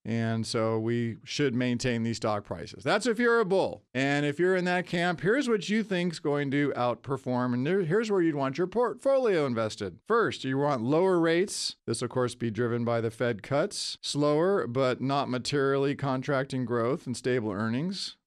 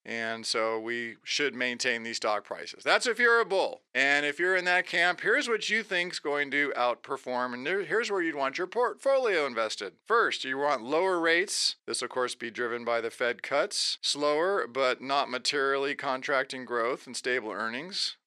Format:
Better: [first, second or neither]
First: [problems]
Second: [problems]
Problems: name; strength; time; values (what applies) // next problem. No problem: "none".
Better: first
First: none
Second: thin; somewhat; fading below 500 Hz